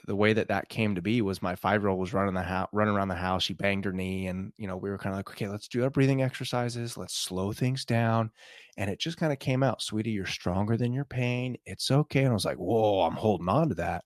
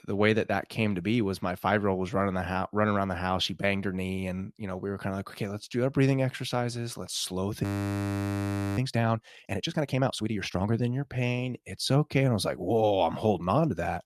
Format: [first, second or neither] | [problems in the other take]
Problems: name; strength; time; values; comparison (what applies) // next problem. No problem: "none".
first | audio freezing; at 7.5 s for 1 s